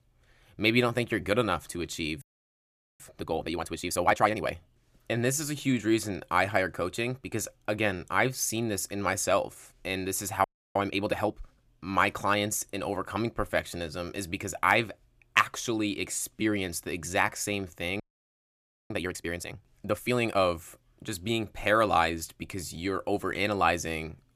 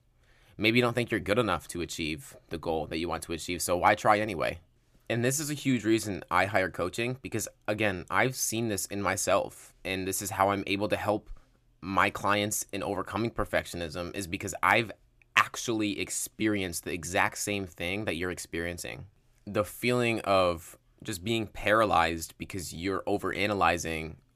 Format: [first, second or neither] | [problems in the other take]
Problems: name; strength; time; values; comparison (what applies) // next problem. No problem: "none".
second | audio freezing; at 2 s for 1 s, at 10 s and at 18 s for 1 s